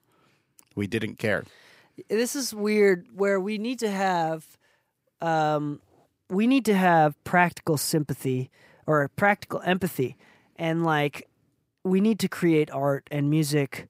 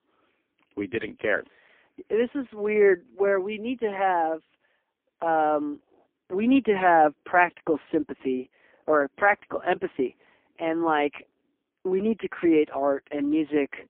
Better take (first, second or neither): first